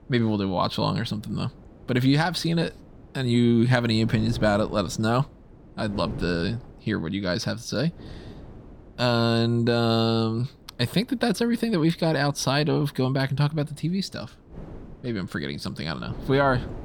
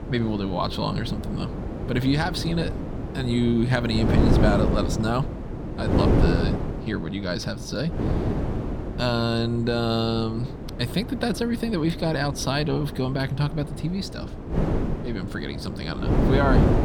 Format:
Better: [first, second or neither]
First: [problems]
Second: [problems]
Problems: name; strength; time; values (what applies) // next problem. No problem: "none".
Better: first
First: wind noise on the microphone; occasional gusts; 25 dB below the speech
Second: wind noise on the microphone; heavy; 5 dB below the speech